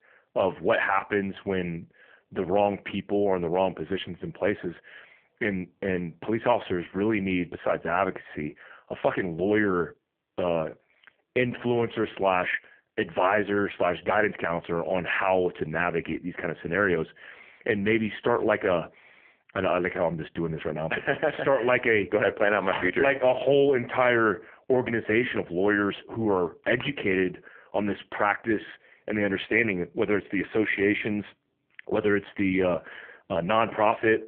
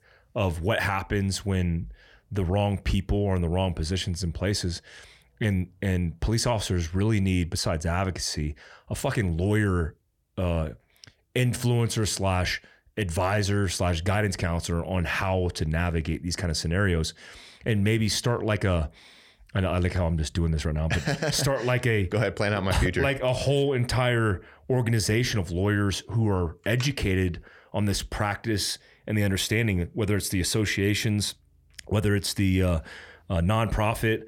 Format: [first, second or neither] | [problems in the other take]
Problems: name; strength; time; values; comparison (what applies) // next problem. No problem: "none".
second | phone-call audio; poor line